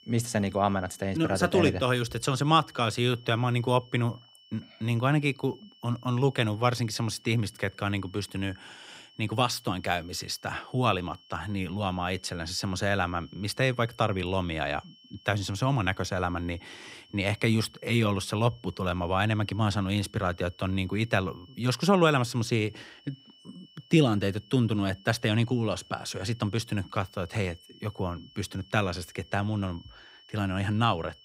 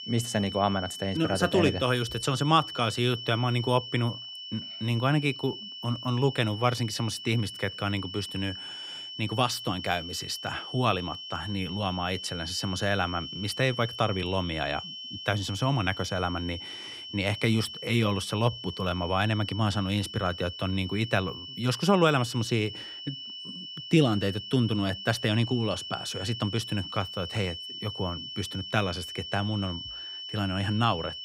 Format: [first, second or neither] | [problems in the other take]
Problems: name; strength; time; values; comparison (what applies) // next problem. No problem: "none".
first | high-pitched whine; loud; throughout; 3 kHz, 9 dB below the speech; faint in the first